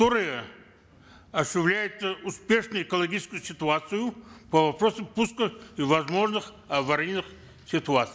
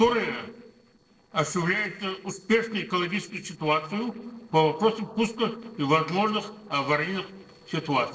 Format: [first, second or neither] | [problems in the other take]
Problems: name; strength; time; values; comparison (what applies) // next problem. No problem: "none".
first | noise reduction (neural separator model SepFormer DNS4)